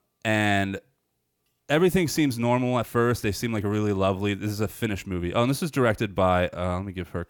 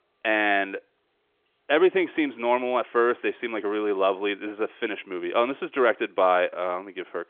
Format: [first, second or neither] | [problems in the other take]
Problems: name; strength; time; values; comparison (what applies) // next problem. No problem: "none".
first | phone-call audio; nothing above 3.5 kHz